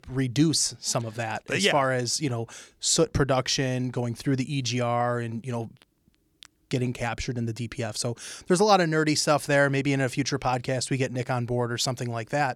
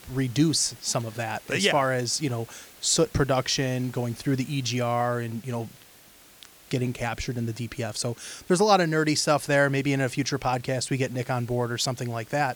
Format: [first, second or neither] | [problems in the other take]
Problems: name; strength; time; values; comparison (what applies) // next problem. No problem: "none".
first | hiss; faint; throughout; 25 dB below the speech